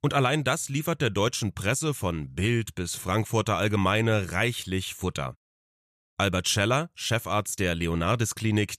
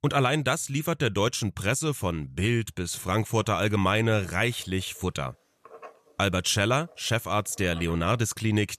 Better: first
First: none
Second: household noises; faint; from 3.5 s on; 25 dB below the speech

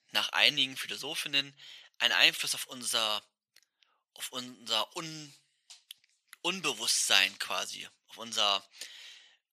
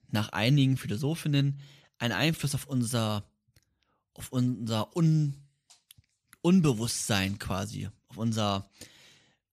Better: second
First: thin; very; fading below 700 Hz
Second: none

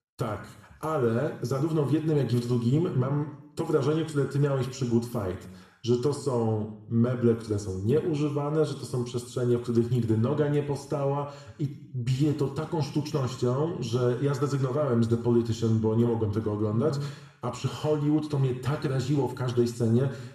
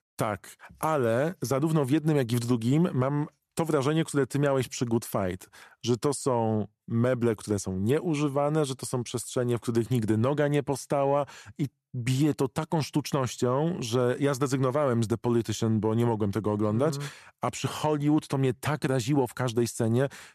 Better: second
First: room echo; noticeable; dies away in 0.7 s // off-mic speech; somewhat distant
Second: none

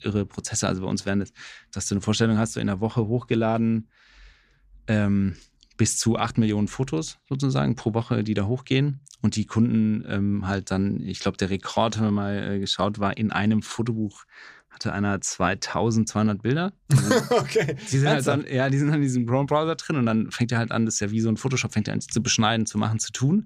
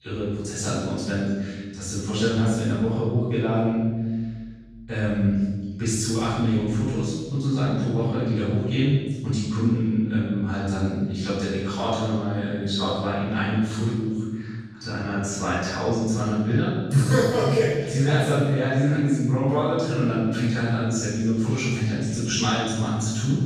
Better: first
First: none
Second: off-mic speech; far // room echo; strong; dies away in 1.3 s

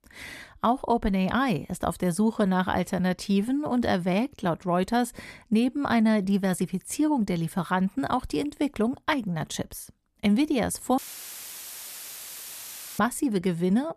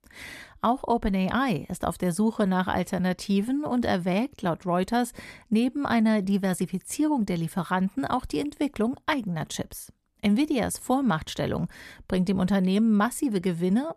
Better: second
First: audio cutting out; filled with static; at 11 s for 2 s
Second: none

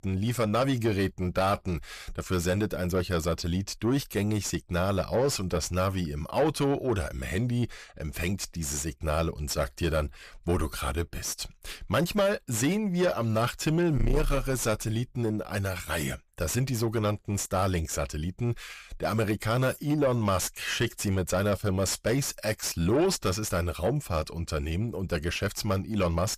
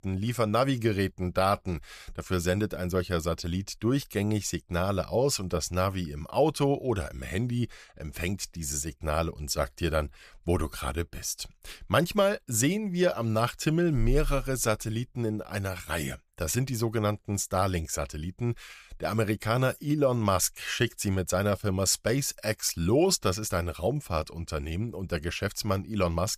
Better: second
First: distortion; slight; 10 dB below the speech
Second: none

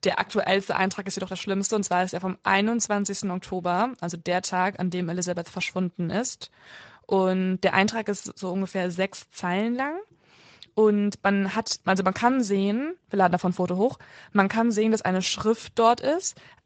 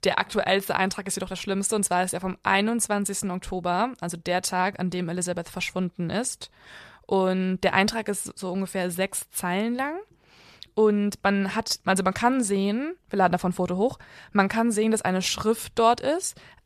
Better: second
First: garbled, watery; slightly; nothing above 7.5 kHz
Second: none

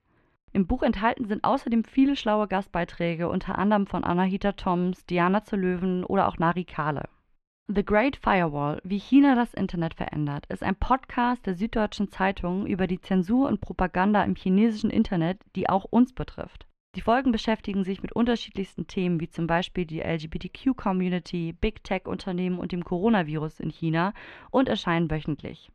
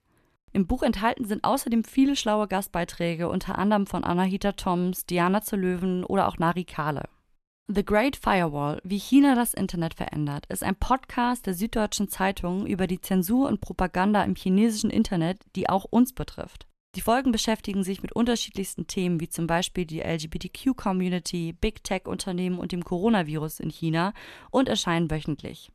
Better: second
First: muffled; slightly; fading above 2.5 kHz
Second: none

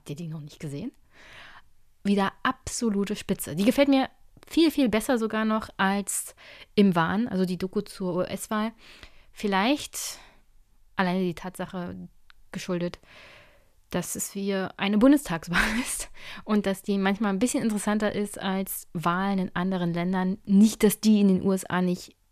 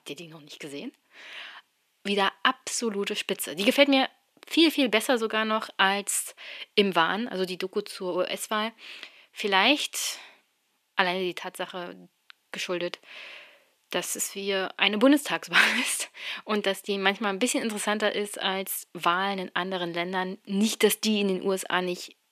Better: first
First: none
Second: thin; somewhat; fading below 300 Hz

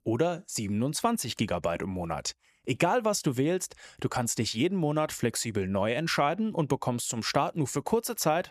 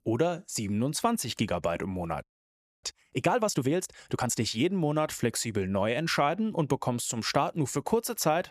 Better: first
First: none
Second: audio freezing; at 2 s for 0.5 s

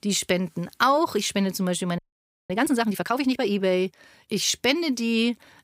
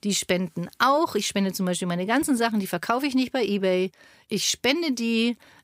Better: second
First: audio freezing; at 2 s for 0.5 s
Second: none

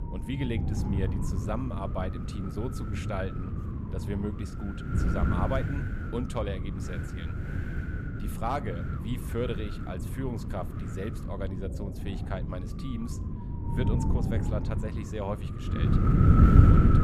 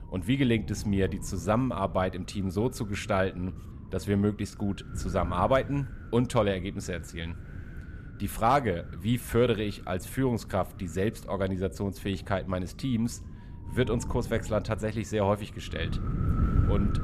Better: second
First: wind noise on the microphone; heavy; as loud as the speech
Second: wind noise on the microphone; occasional gusts; 15 dB below the speech

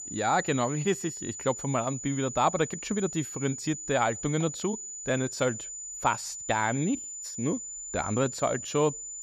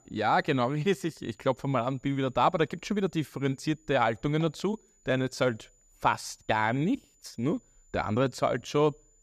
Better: second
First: high-pitched whine; loud; throughout; 7 kHz, 7 dB below the speech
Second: high-pitched whine; faint; throughout; 7 kHz, 35 dB below the speech

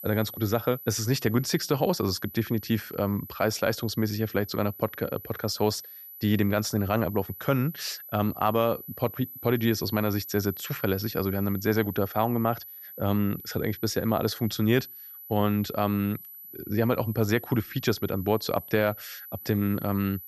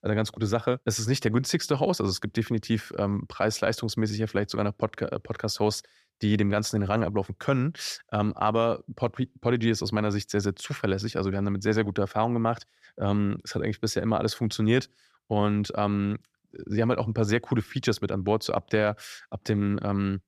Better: second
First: high-pitched whine; noticeable; throughout; 12 kHz, 15 dB below the speech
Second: none

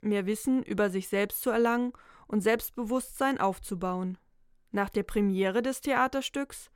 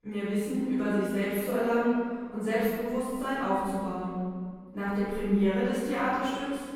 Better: first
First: none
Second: off-mic speech; far // room echo; strong; dies away in 1.9 s

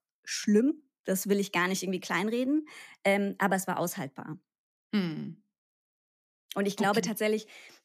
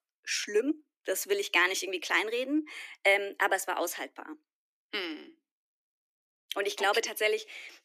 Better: first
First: none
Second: thin; somewhat; fading below 300 Hz

